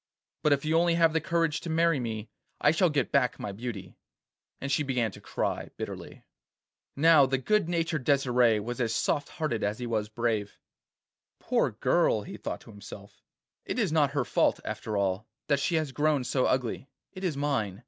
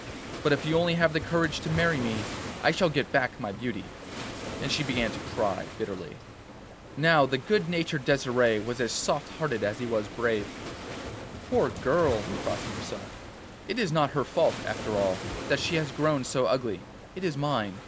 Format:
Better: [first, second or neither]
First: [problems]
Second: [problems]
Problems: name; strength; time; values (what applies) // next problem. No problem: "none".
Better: first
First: none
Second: background sound (Waves, surf); 10 dB below the speech